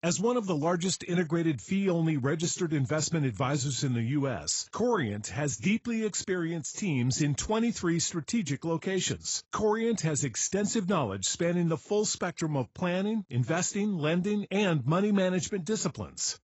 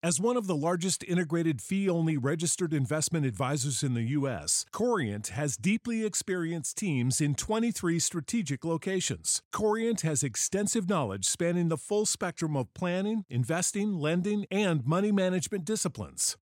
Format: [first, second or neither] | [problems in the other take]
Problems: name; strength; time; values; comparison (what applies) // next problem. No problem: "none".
second | garbled, watery; badly; nothing above 8 kHz